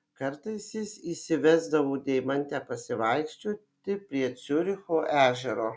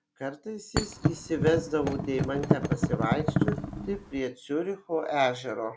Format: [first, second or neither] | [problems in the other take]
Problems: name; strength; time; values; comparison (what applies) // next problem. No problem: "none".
first | background sound (Thump, thud); 2 dB above the speech